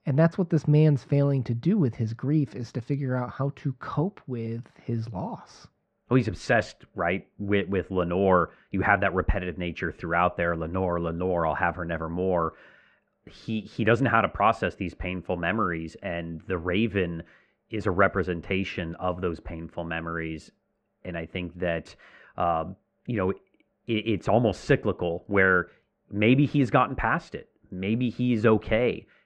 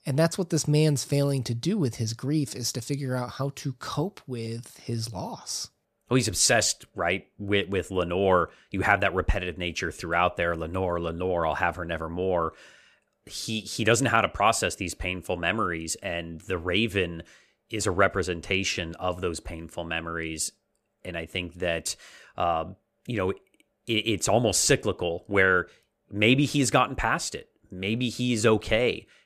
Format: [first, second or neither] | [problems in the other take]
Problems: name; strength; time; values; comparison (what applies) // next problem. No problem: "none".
second | muffled; very; fading above 1.5 kHz